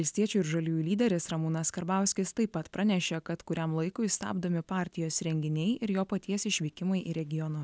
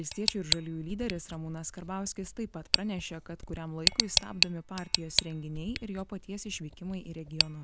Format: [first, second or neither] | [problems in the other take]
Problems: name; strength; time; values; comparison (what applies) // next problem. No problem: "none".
first | background sound (Tick); 3 dB above the speech